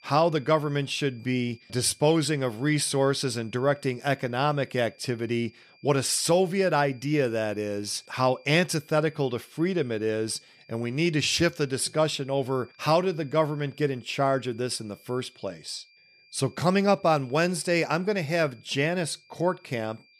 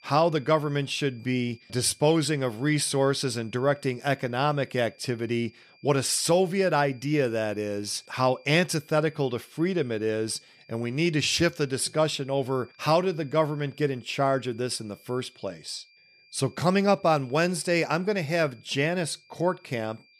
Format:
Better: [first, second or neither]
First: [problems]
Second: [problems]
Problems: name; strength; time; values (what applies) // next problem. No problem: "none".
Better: neither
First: high-pitched whine; faint; throughout; 2.5 kHz, 30 dB below the speech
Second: high-pitched whine; faint; throughout; 2.5 kHz, 30 dB below the speech